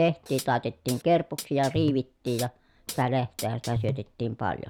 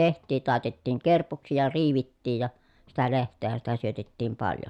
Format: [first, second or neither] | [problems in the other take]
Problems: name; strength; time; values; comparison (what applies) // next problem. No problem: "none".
second | background sound (Hi-hat); 10 dB below the speech